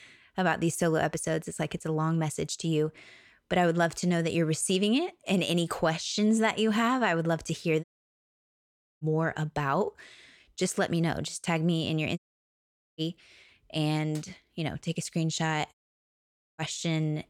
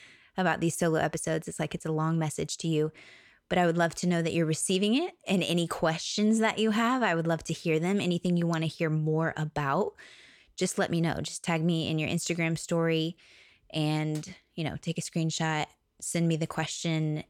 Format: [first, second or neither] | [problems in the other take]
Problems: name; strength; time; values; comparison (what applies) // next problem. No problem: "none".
second | audio cutting out; at 8 s for 1 s, at 12 s for 1 s and at 16 s for 1 s